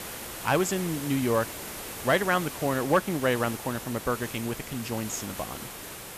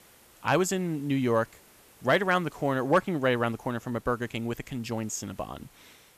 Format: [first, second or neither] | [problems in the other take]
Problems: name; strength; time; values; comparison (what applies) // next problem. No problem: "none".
second | hiss; loud; throughout; 9 dB below the speech; faint in the second